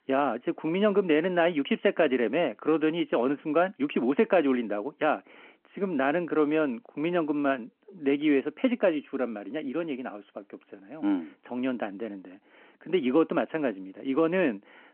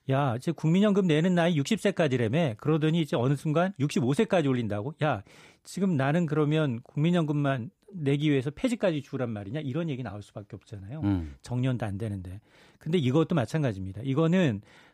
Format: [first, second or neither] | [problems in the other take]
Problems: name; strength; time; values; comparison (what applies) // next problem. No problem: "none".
second | phone-call audio